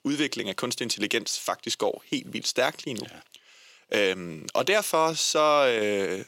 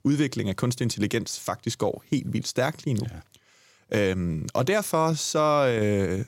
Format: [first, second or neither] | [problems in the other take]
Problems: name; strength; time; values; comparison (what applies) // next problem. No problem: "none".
second | thin; somewhat; fading below 350 Hz